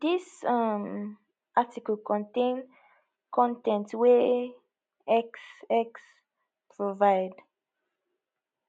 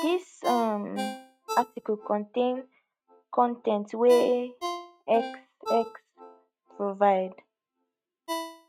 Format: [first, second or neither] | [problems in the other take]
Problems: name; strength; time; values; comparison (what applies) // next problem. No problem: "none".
first | noise reduction (neural mask model RNNoise)